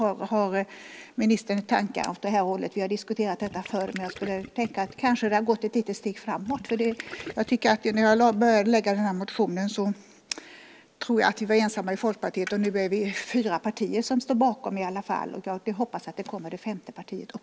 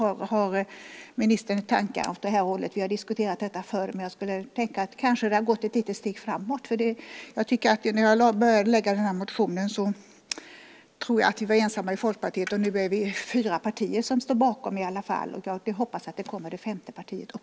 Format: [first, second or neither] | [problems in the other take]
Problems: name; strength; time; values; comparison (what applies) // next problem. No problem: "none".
second | background sound (Gurgling); 17 dB below the speech